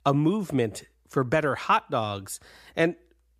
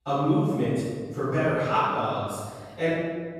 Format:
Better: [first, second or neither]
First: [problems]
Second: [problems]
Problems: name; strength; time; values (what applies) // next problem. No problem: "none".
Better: first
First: none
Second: room echo; strong; dies away in 1.5 s // off-mic speech; far